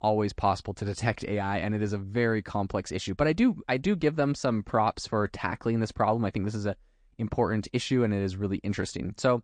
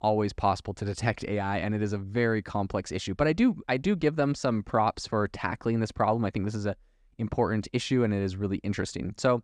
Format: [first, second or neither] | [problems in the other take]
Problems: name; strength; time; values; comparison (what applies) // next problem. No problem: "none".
second | garbled, watery; slightly; nothing above 8.5 kHz